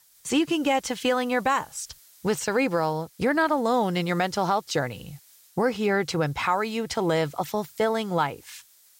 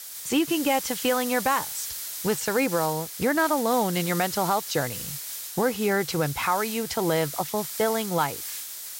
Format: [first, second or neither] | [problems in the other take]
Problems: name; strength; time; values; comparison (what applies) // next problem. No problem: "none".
first | hiss; loud; throughout; 7 dB below the speech; faint in the first